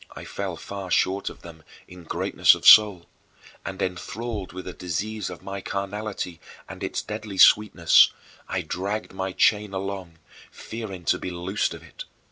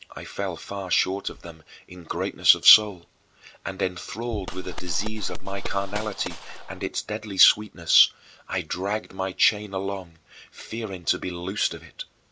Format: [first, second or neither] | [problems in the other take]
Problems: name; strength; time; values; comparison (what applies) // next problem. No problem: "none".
first | background sound (Gunshot, gunfire); 3 dB above the speech